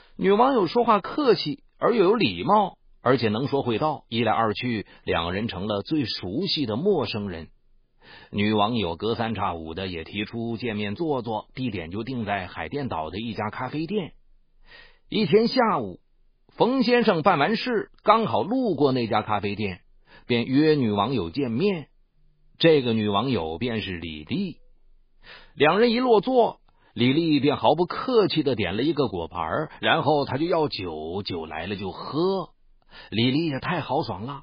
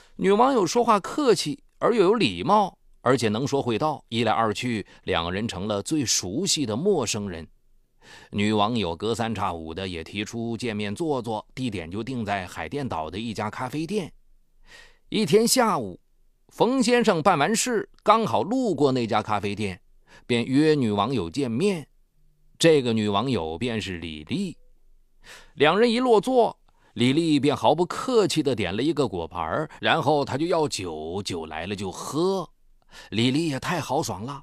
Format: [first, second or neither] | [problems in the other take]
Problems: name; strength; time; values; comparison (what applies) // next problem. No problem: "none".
second | garbled, watery; badly